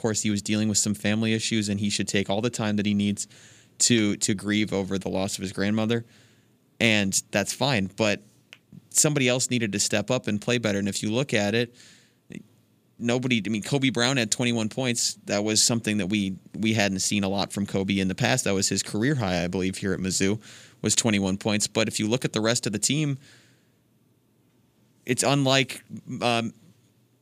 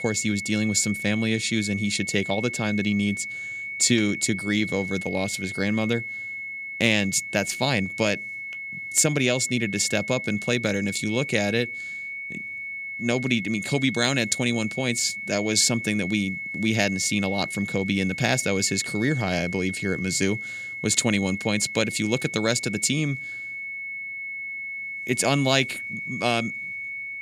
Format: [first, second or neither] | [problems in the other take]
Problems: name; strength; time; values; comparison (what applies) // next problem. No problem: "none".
first | high-pitched whine; loud; throughout; 2 kHz, 7 dB below the speech